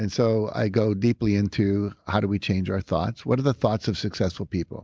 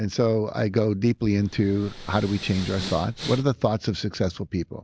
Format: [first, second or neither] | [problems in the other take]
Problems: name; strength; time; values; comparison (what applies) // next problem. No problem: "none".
first | background sound (Respiratory sounds); 16 dB below the speech